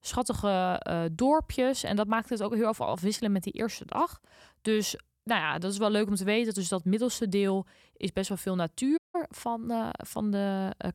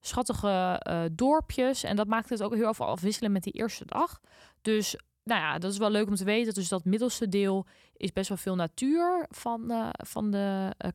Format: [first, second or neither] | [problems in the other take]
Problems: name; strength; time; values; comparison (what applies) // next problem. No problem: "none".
second | audio cutting out; at 9 s